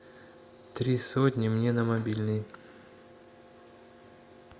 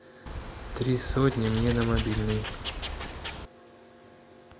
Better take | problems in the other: first | background sound (Wild animals); 4 dB below the speech

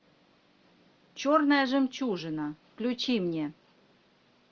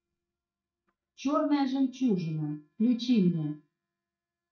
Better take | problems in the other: first | noise reduction (neural mask model DeepFilterNet 3)

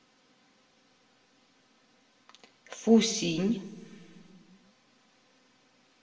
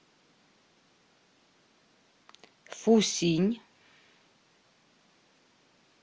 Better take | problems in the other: second | room echo; dies away in 1.2 s

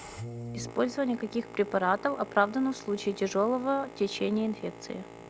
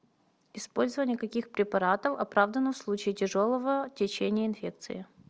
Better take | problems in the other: second | background sound (Boat, Water vehicle); 14 dB below the speech

